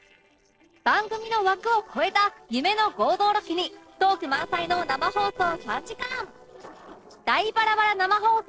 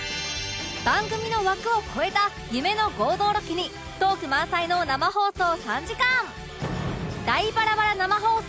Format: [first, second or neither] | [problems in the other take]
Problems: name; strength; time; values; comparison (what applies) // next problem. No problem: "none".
second | noise reduction (neural separator model SepFormer DNS4)